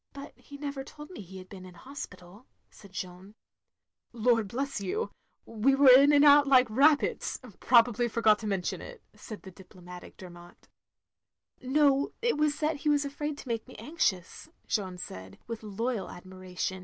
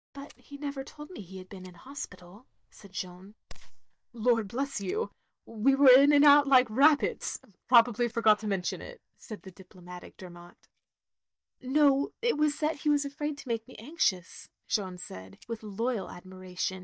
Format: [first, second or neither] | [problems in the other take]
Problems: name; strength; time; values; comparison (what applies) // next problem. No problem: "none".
first | noise reduction (neural mask model DeepFilterNet 3)